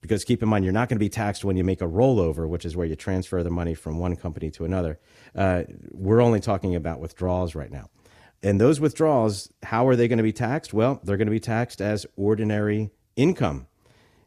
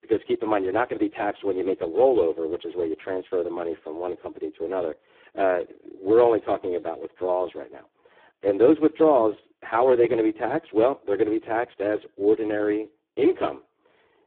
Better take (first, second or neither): first